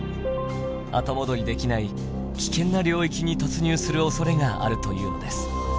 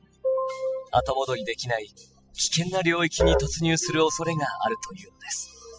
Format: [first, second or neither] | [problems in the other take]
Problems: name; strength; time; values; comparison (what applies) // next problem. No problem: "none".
first | noise reduction (classical method spectral subtraction)